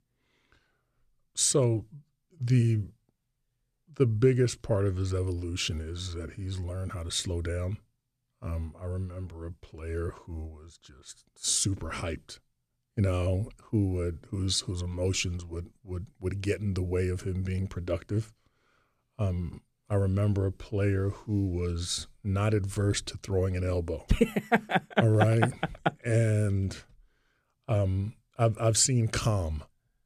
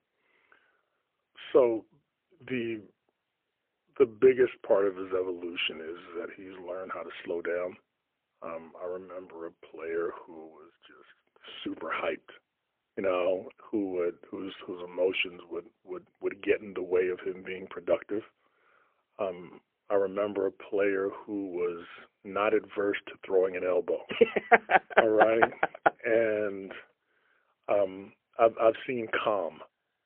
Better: first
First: none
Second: phone-call audio; poor line; nothing above 3 kHz

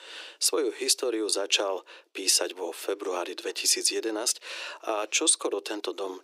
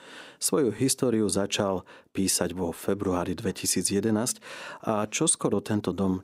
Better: second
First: thin; very; fading below 350 Hz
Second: none

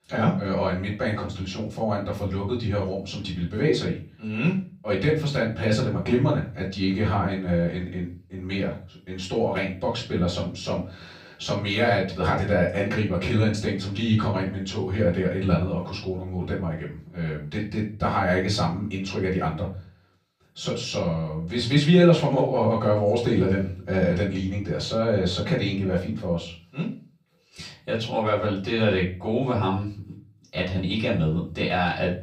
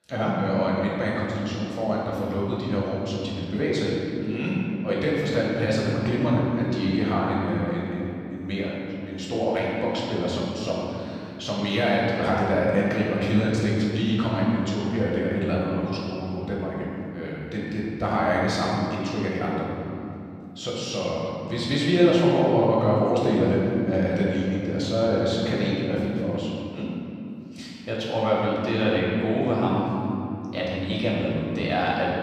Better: first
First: room echo; slight; dies away in 0.4 s // off-mic speech; far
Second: room echo; strong; dies away in 2.5 s // off-mic speech; far

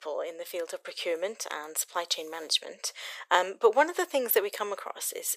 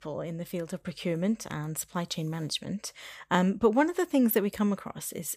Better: second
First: thin; very; fading below 400 Hz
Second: none

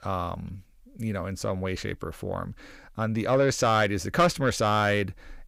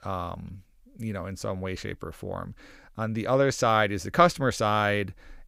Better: second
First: distortion; slight; 10 dB below the speech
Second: none

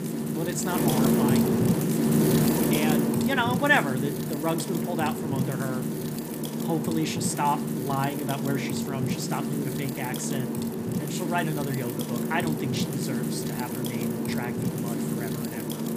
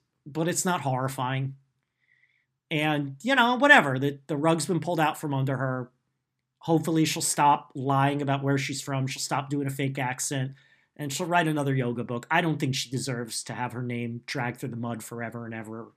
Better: second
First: wind noise on the microphone; heavy; 2 dB below the speech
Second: none

